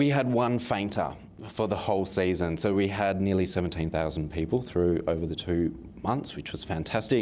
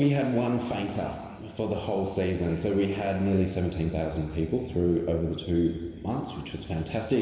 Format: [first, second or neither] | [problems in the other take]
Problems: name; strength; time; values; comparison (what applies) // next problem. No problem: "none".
first | room echo; dies away in 2.2 s